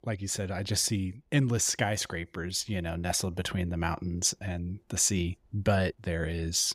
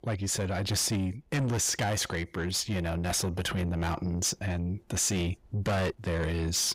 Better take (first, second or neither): first